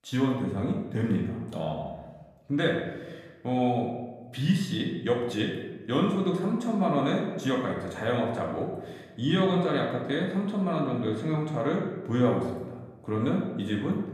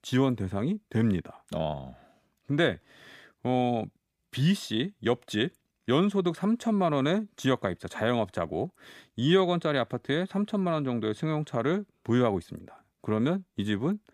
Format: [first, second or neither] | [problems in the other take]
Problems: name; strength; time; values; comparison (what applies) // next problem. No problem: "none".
second | room echo; noticeable; dies away in 0.9 s // off-mic speech; far